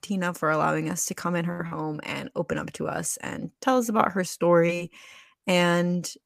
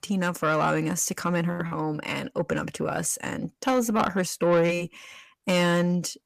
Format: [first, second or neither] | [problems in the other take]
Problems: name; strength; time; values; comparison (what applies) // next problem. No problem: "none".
first | distortion; slight; 10 dB below the speech